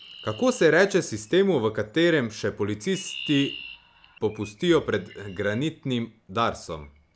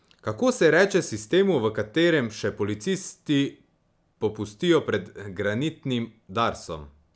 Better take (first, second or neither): second